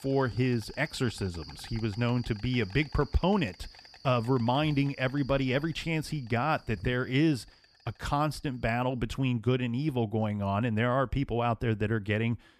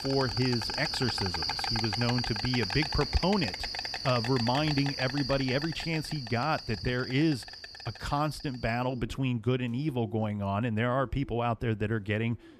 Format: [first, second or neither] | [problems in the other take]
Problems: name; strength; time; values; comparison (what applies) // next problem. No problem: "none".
first | animal sounds; loud; throughout; 3 dB below the speech; faint in the first